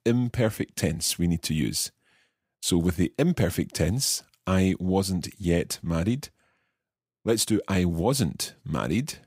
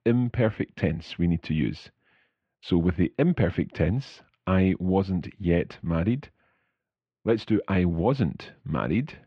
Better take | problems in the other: first | muffled; very; fading above 3 kHz

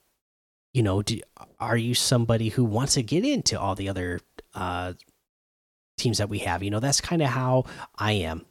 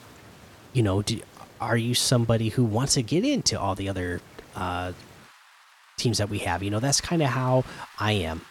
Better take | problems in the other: first | rain or running water; faint; throughout; 25 dB below the speech

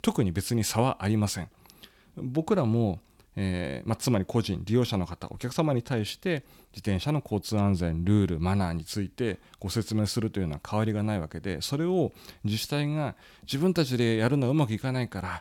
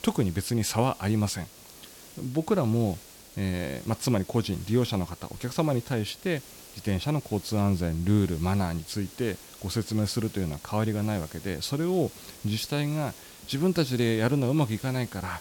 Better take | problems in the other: first | hiss; noticeable; throughout; 20 dB below the speech

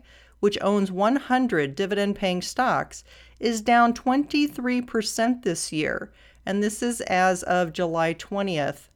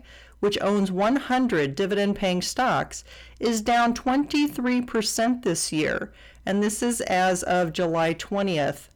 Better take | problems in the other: first | distortion; slight; 10 dB below the speech

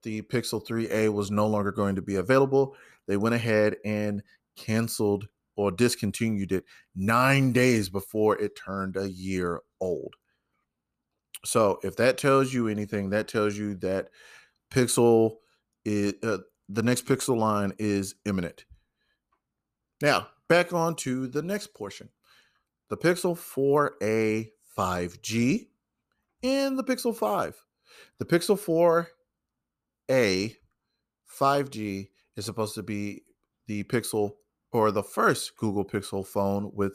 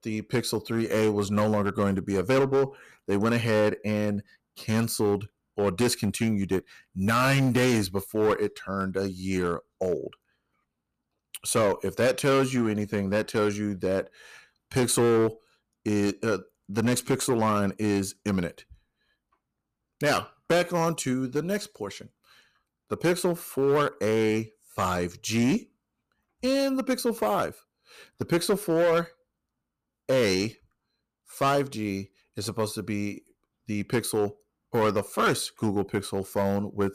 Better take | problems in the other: first | distortion; slight; 6% of the sound clipped

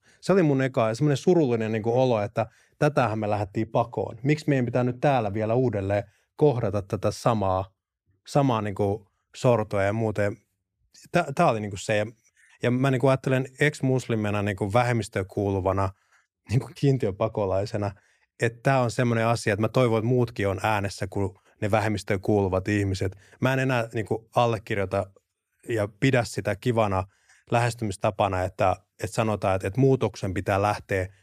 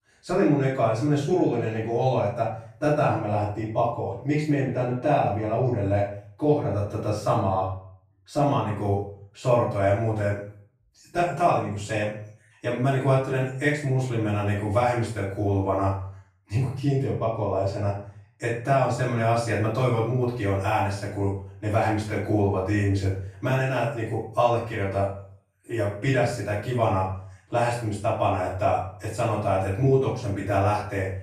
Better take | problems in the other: first | room echo; noticeable; dies away in 0.5 s // off-mic speech; far

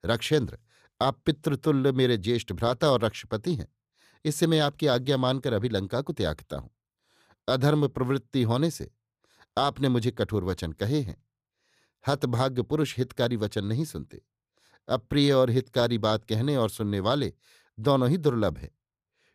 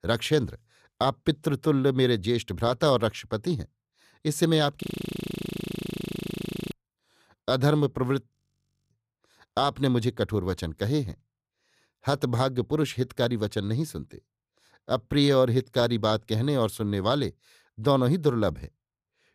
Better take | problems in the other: first | audio freezing; at 5 s for 2 s and at 8.5 s for 0.5 s

